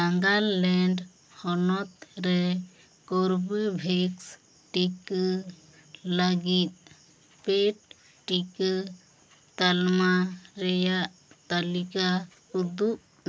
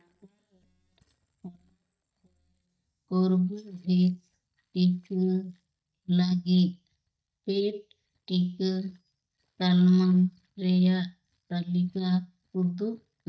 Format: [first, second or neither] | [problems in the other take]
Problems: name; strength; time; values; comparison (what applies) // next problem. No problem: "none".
first | noise reduction (neural mask model DeepFilterNet 3)